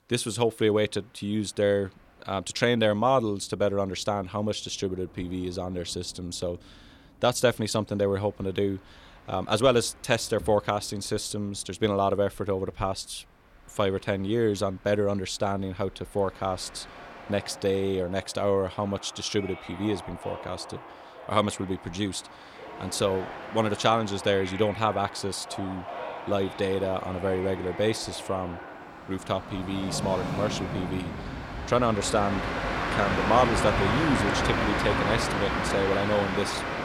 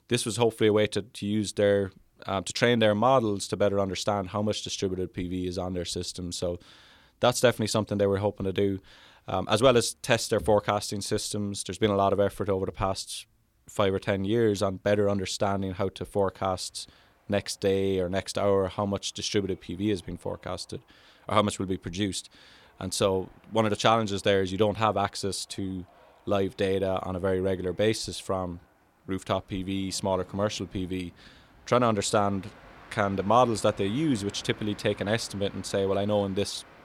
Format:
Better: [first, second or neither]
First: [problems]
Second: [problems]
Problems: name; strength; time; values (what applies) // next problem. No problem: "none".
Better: second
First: train or aircraft noise; loud; throughout; 4 dB below the speech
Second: train or aircraft noise; faint; throughout; 25 dB below the speech